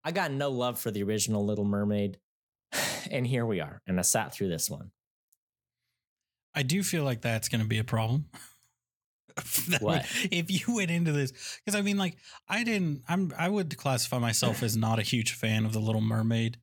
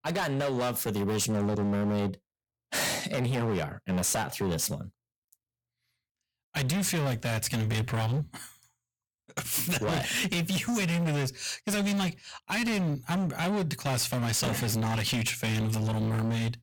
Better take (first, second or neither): first